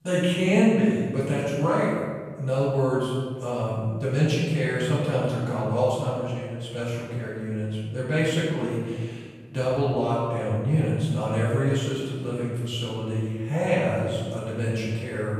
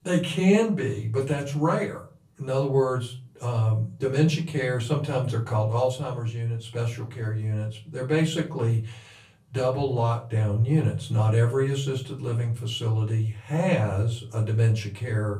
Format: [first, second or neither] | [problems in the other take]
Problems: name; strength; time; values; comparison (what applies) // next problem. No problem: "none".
second | room echo; strong; dies away in 1.4 s; slight in the second // off-mic speech; far; far in the second